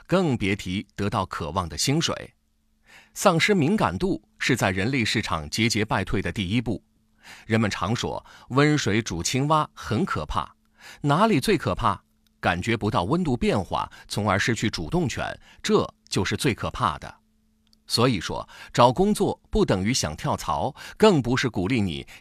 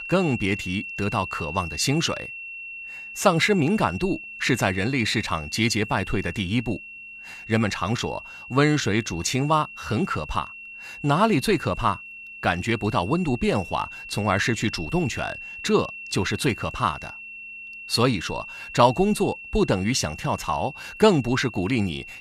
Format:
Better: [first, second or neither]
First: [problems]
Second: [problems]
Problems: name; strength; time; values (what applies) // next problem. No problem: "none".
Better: first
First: none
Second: high-pitched whine; noticeable; throughout; 2.5 kHz, 10 dB below the speech